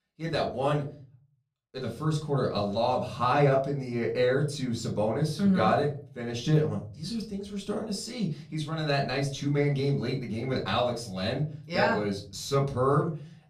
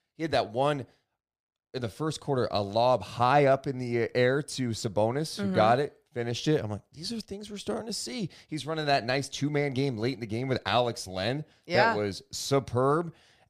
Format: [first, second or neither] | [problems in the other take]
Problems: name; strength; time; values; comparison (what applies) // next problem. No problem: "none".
second | off-mic speech; far // room echo; slight; dies away in 0.4 s